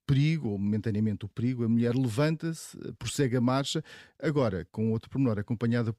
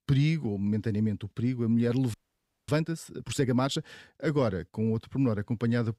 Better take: first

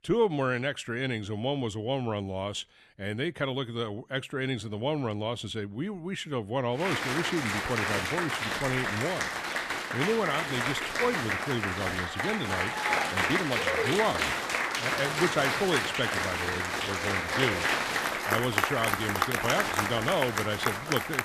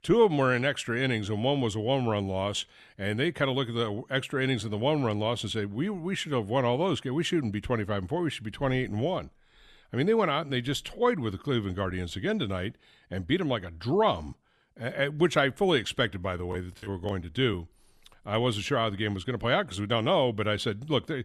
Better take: second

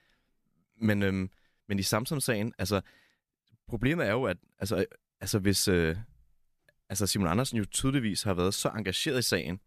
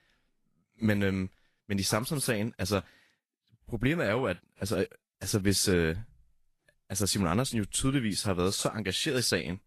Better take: first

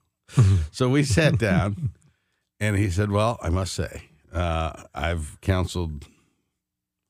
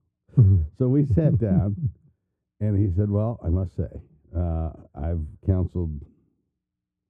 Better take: first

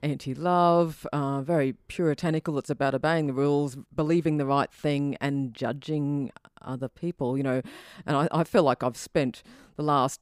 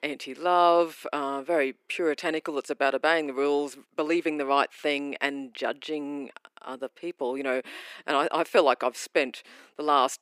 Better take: first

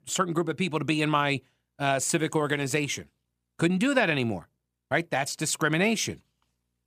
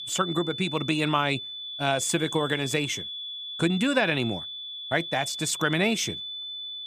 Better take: first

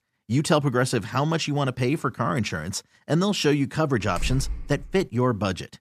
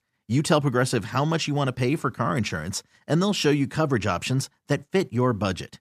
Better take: second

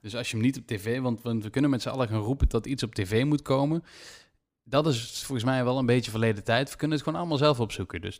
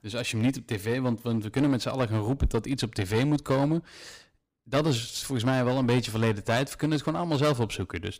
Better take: first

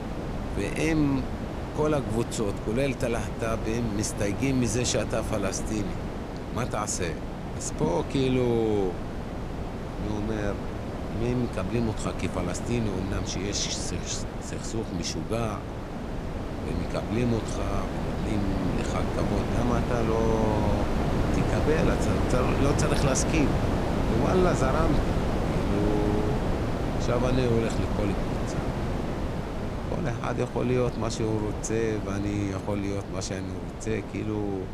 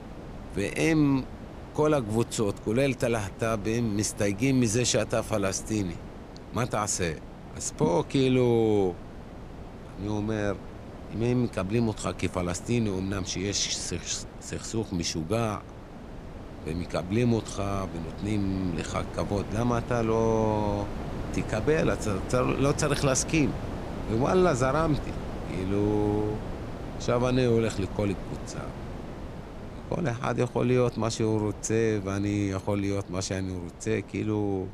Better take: second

